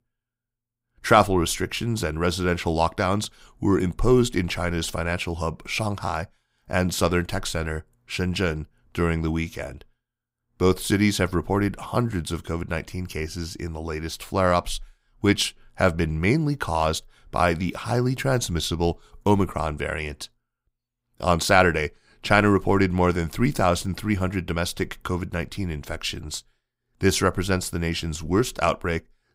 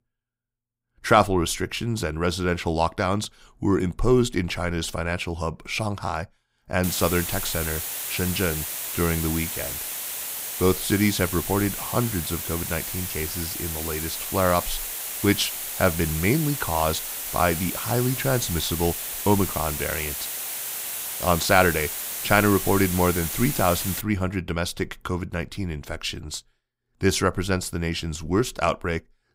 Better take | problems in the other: first | hiss; loud; from 7 to 24 s; 4 dB below the speech

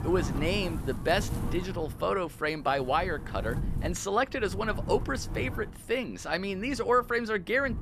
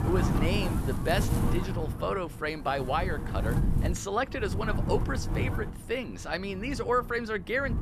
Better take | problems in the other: first | wind noise on the microphone; heavy; 7 dB below the speech; occasional gusts in the first

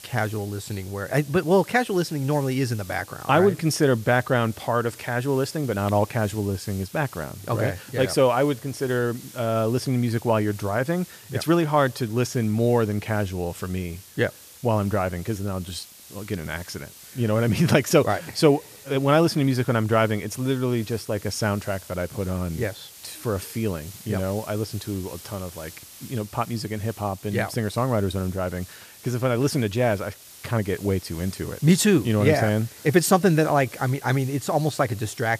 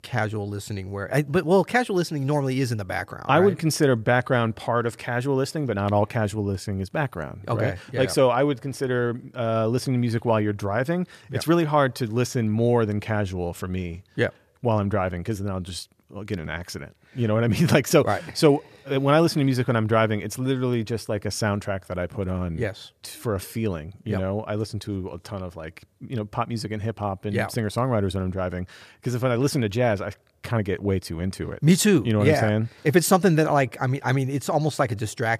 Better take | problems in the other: second | hiss; noticeable; throughout; 20 dB below the speech

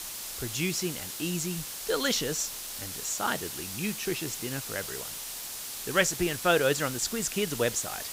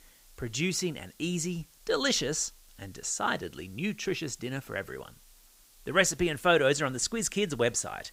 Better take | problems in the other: second | hiss; loud; throughout; 5 dB below the speech; faint in the second

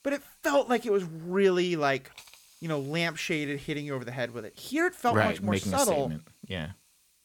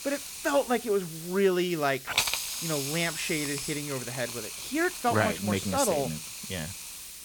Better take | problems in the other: first | hiss; loud; throughout; 5 dB below the speech; faint in the first

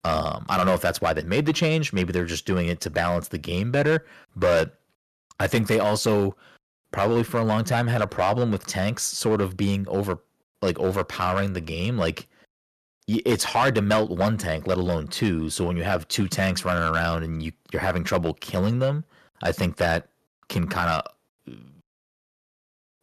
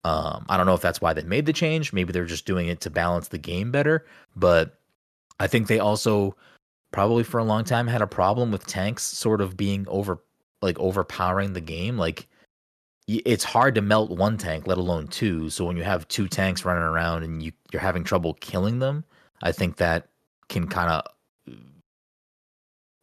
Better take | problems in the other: second | distortion; slight; 4% of the sound clipped

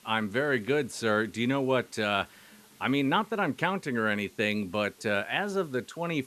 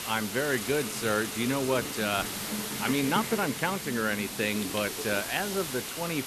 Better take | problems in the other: first | hiss; loud; throughout; 4 dB below the speech; faint in the first

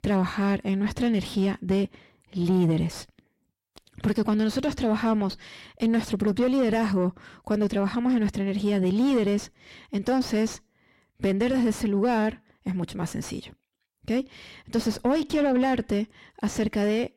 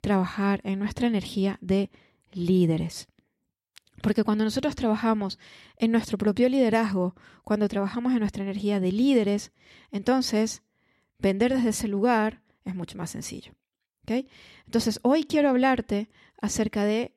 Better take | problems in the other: second | distortion; slight; 10 dB below the speech

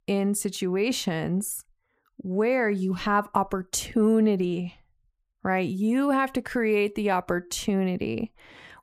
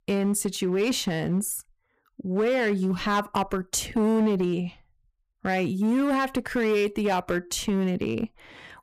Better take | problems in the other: first | distortion; slight; 9% of the sound clipped

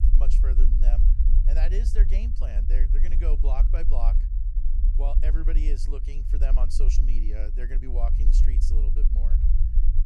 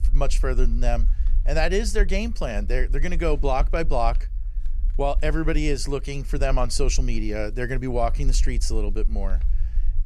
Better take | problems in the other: second | low rumble; loud; throughout; 6 dB below the speech; faint in the second

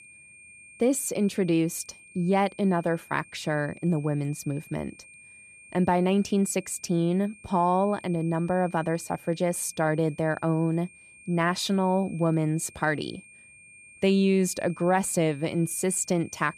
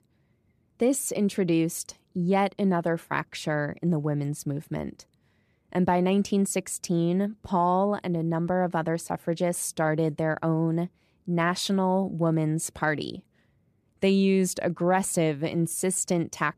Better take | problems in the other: second | high-pitched whine; faint; throughout; 2.5 kHz, 20 dB below the speech

